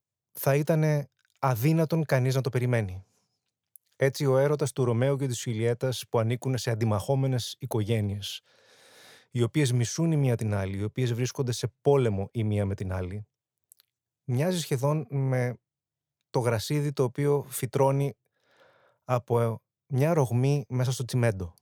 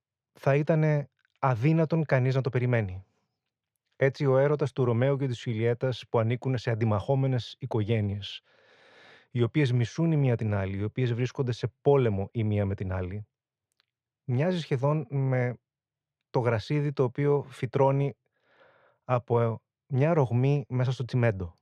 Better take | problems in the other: first | muffled; slightly; fading above 2.5 kHz

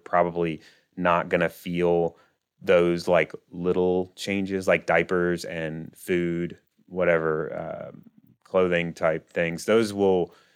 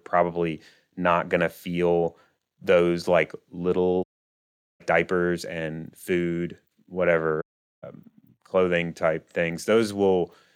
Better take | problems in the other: first | audio cutting out; at 4 s for 1 s and at 7.5 s

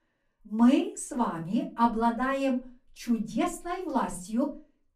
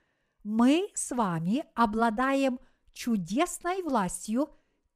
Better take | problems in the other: second | off-mic speech; far // room echo; very slight; dies away in 0.2 s

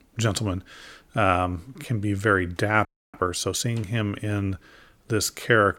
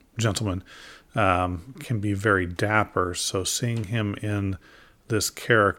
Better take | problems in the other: second | audio freezing; at 3 s

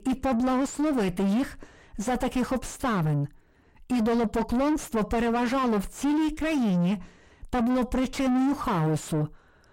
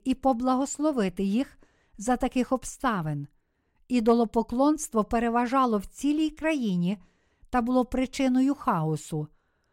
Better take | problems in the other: second | distortion; heavy; 5 dB below the speech

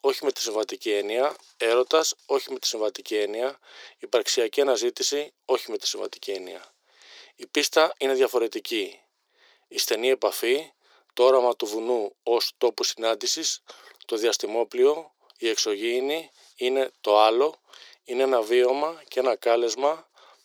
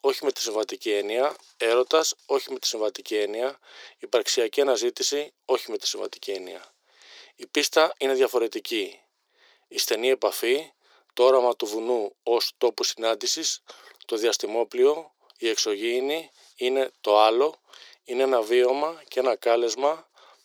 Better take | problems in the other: neither | thin; very; fading below 350 Hz; the same in both

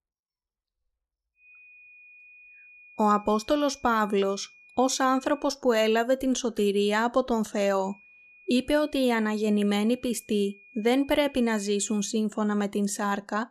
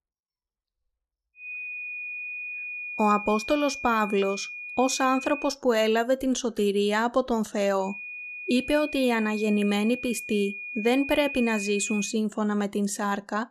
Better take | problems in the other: first | high-pitched whine; loud; from 1.5 to 5.5 s and from 8 to 12 s; 2.5 kHz, 9 dB below the speech; faint in the first

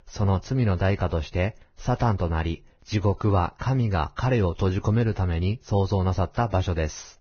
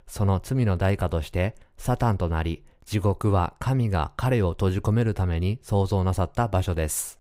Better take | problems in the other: second | garbled, watery; badly; nothing above 6.5 kHz

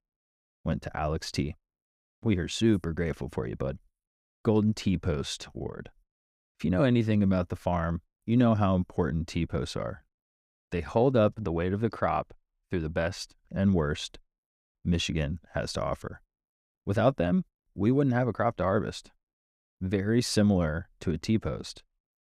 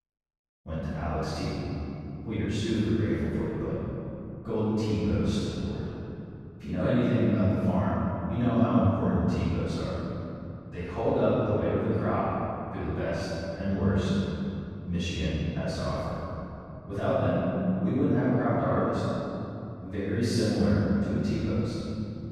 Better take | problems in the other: first | room echo; strong; dies away in 2.9 s // off-mic speech; far

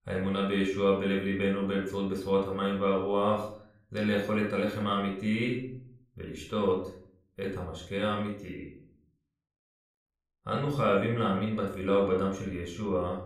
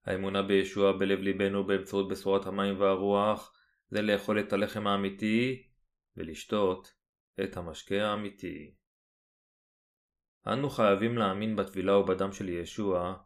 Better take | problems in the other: second | off-mic speech; somewhat distant // room echo; slight; dies away in 0.5 s

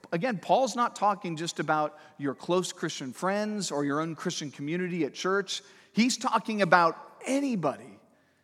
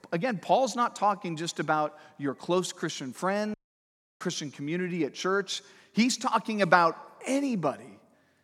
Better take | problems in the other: first | audio cutting out; at 3.5 s for 0.5 s

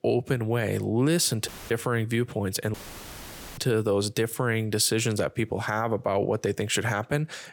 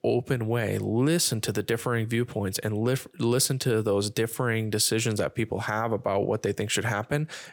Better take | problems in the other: second | audio cutting out; filled with static; at 1.5 s and at 2.5 s for 1 s

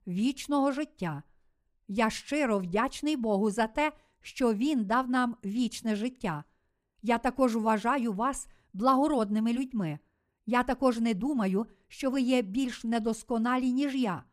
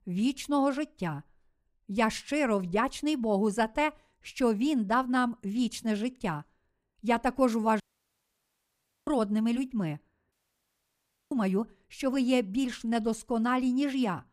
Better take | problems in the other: first | audio cutting out; at 8 s for 1.5 s and at 10 s for 1 s

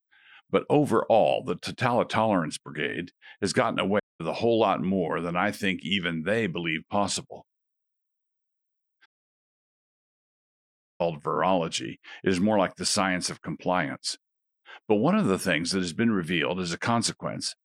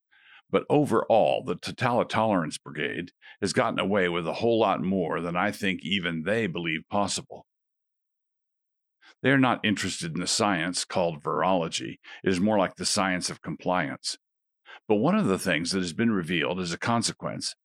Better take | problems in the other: second | audio cutting out; at 4 s and at 9 s for 2 s

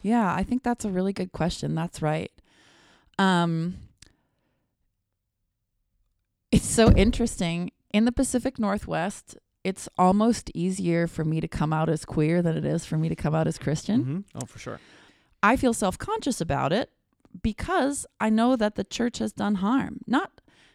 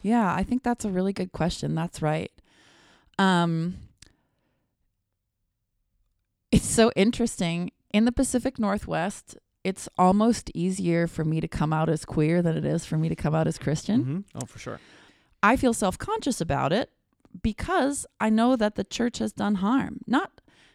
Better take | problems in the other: second | door banging; loud; at 7 s; peak 3 dB above the speech

